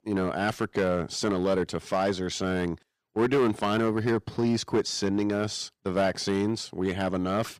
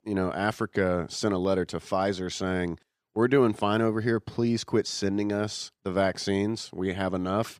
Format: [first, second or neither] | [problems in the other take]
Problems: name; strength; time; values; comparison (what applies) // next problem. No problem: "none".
second | distortion; slight; 5% of the sound clipped